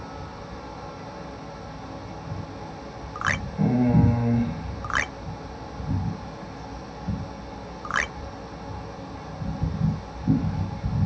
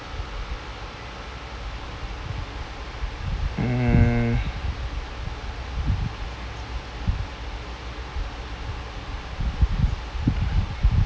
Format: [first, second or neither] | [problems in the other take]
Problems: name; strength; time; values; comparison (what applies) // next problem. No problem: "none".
second | background sound (Marimba, xylophone); 1 dB above the speech // room echo; dies away in 0.7 s